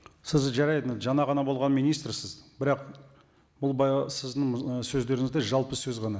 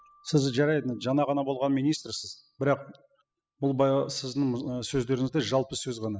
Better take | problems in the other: first | noise reduction (classical method spectral subtraction)

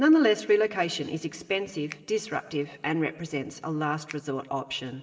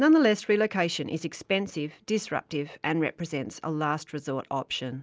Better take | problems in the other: second | background sound (Finger snapping); 19 dB below the speech // room echo; dies away in 2.3 s

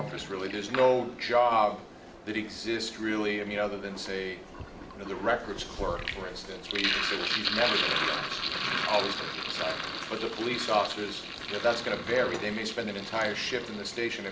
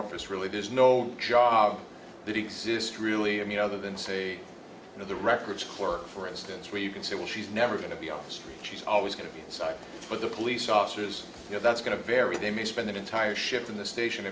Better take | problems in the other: second | background sound (Sink (filling or washing)); 5 dB below the speech

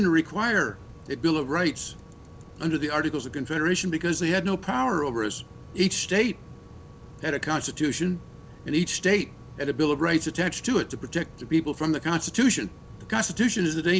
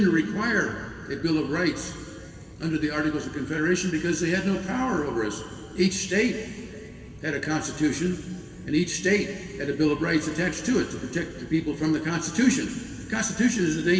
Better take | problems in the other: first | room echo; dies away in 2.4 s

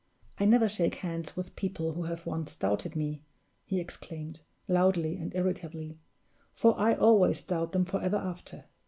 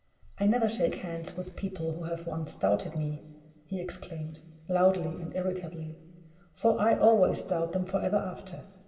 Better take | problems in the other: first | room echo; dies away in 1.8 s

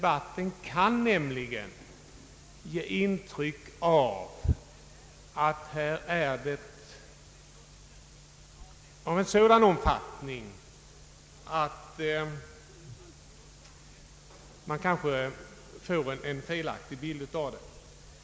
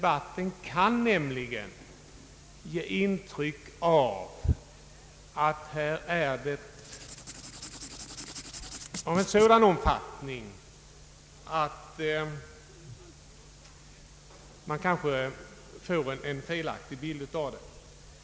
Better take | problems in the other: first | background sound (Writing); 12 dB below the speech

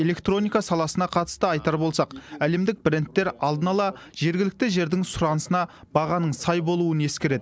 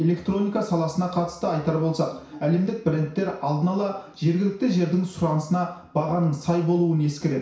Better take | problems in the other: first | room echo; dies away in 0.6 s

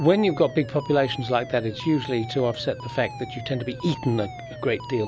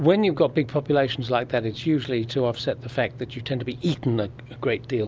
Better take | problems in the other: second | background sound (Alarm); 15 dB below the speech

